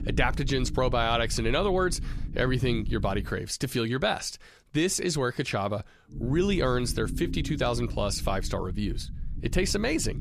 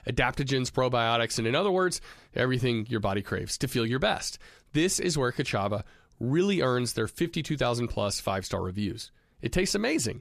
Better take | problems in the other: second | low rumble; noticeable; until 3.5 s and from 6 s on; 20 dB below the speech

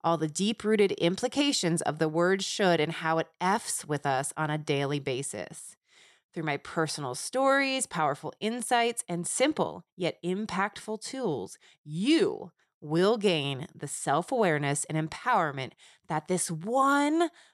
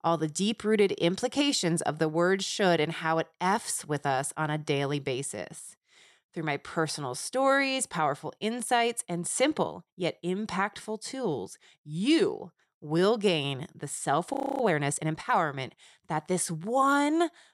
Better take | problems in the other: first | audio freezing; at 14 s

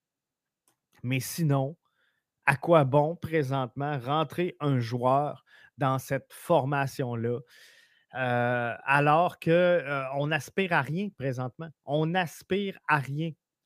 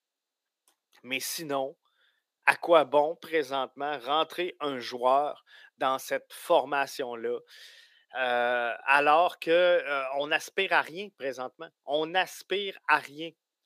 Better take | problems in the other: first | thin; very; fading below 350 Hz

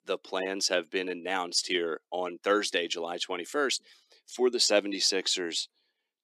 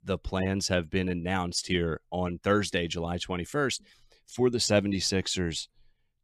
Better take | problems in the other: second | thin; somewhat; fading below 300 Hz

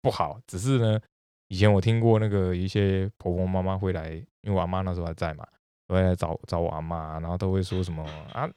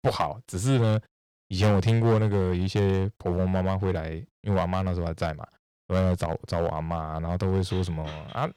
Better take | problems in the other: first | distortion; slight; 5% of the sound clipped

